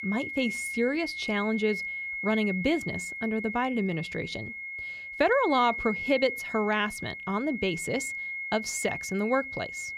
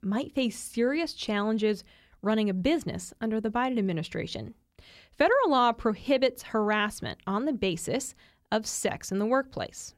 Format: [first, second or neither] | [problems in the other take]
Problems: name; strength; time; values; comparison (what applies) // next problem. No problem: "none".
second | high-pitched whine; loud; throughout; 2 kHz, 5 dB below the speech